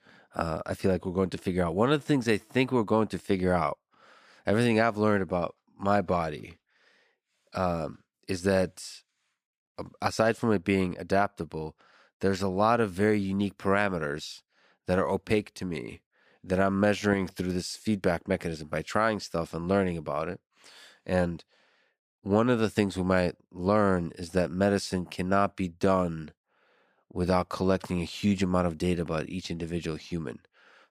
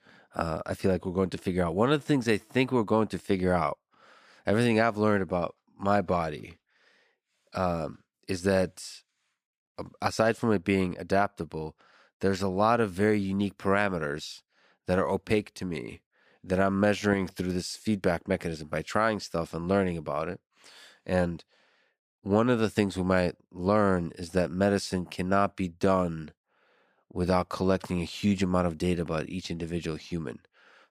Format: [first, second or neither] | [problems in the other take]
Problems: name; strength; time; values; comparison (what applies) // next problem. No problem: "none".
neither | none